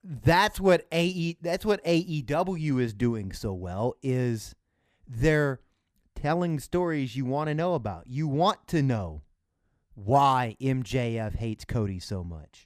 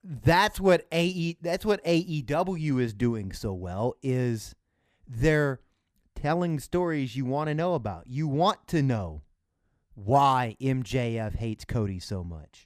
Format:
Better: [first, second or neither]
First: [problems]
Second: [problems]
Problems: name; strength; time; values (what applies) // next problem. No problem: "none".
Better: neither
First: none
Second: none